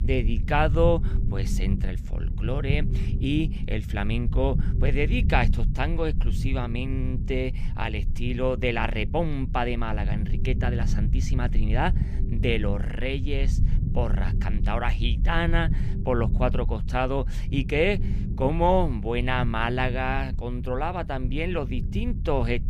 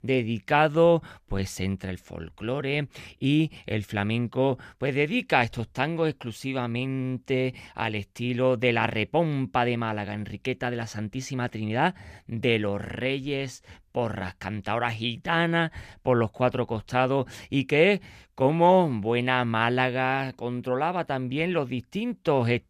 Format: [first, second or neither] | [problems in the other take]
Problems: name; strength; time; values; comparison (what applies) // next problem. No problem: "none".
second | low rumble; noticeable; throughout; 15 dB below the speech